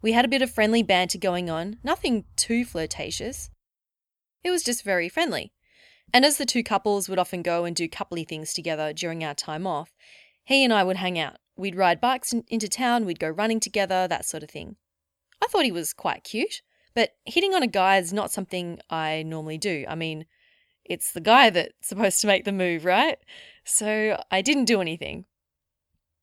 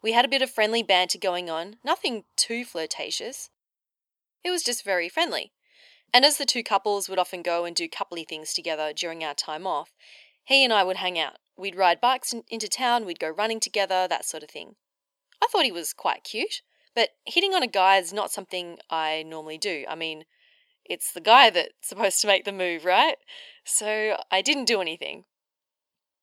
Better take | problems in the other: first | thin; somewhat; fading below 450 Hz

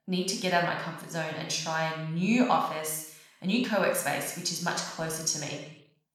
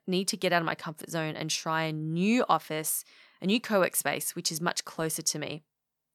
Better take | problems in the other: second | room echo; noticeable; dies away in 0.8 s // off-mic speech; somewhat distant

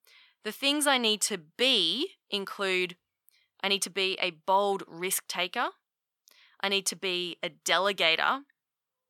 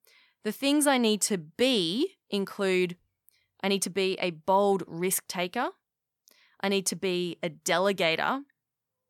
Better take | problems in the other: second | thin; very slightly; fading below 400 Hz

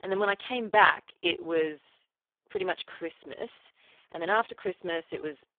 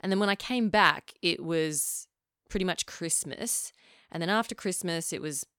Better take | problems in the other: second | phone-call audio; poor line

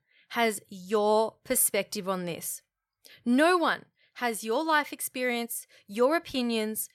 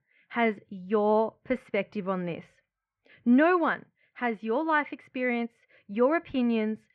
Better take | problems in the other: first | muffled; very; fading above 2.5 kHz

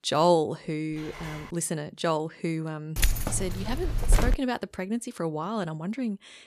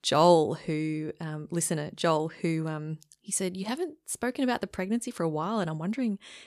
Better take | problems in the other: second | phone ringing; faint; at 1 s; peak 10 dB below the speech // jangling keys; loud; from 3 to 4.5 s; peak 4 dB above the speech

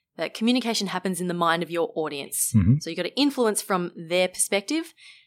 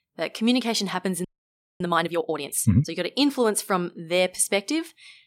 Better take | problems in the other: first | audio freezing; at 1.5 s for 0.5 s

